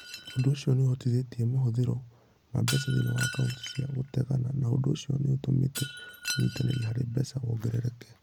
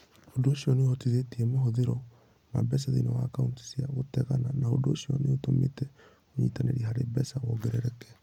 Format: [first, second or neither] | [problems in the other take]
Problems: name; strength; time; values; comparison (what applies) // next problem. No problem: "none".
second | background sound (Shatter); 14 dB below the speech